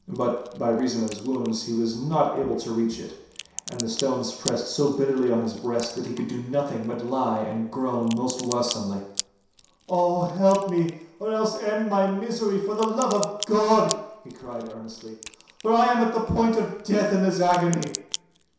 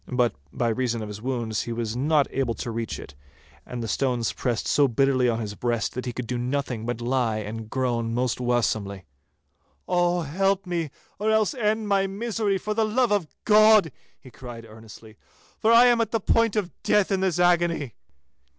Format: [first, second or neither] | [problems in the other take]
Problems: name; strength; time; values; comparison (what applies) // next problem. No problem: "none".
second | background sound (Crack); 16 dB below the speech // room echo; dies away in 0.7 s